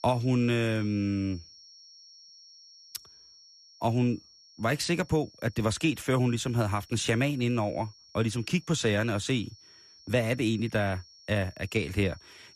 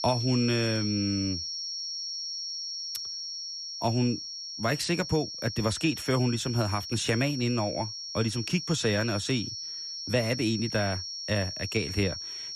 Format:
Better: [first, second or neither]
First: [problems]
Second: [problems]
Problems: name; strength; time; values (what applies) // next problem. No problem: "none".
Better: first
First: high-pitched whine; faint; throughout; 5.5 kHz, 25 dB below the speech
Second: high-pitched whine; loud; throughout; 5.5 kHz, 5 dB below the speech